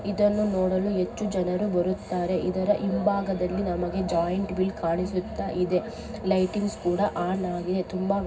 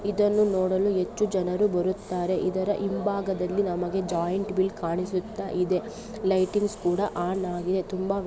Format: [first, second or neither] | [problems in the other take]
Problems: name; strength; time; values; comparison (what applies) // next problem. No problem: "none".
second | room echo; dies away in 0.4 s